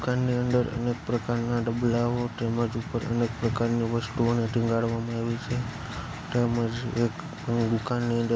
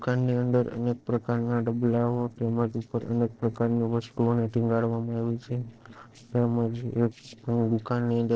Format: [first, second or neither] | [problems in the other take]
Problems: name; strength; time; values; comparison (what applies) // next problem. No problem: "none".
first | noise reduction (neural separator model SepFormer DNS4)